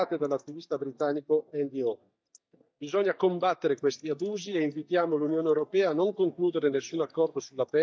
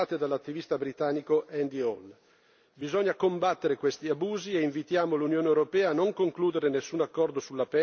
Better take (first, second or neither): second